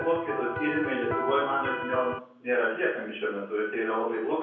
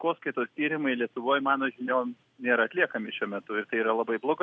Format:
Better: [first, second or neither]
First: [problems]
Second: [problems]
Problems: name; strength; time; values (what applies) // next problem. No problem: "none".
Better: second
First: background sound (Electric guitar); 4 dB below the speech // room echo; dies away in 0.6 s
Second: none